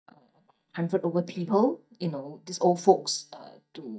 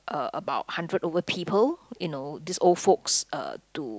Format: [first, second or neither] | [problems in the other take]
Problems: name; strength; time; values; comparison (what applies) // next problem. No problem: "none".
second | noise reduction (neural mask model DeepFilterNet 3)